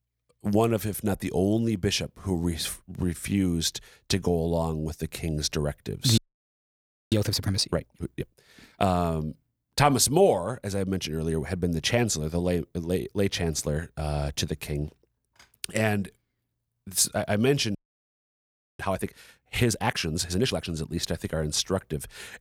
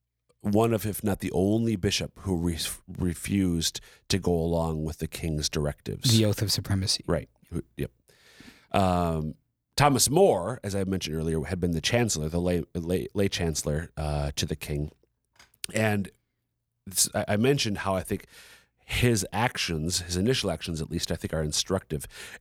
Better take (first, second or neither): second